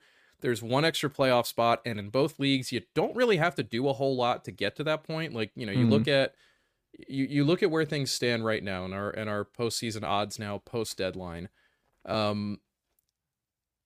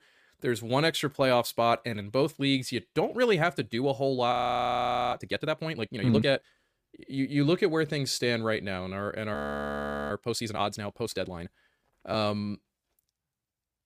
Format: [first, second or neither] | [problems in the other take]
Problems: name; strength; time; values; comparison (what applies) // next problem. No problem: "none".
first | audio freezing; at 4.5 s for 1 s and at 9.5 s for 1 s